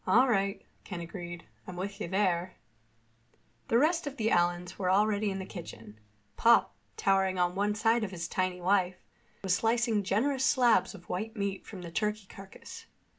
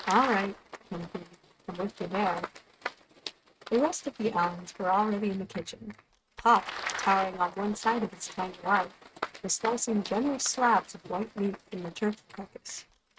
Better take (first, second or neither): first